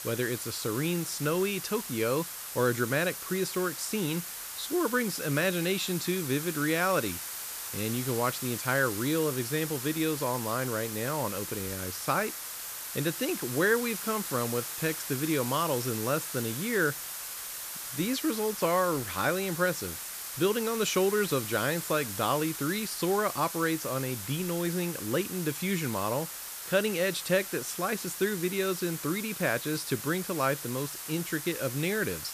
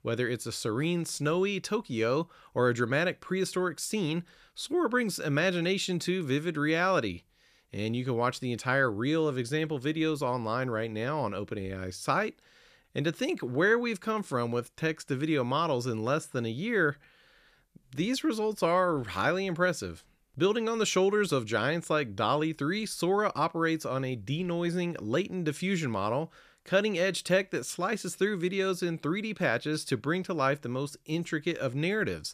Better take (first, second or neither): second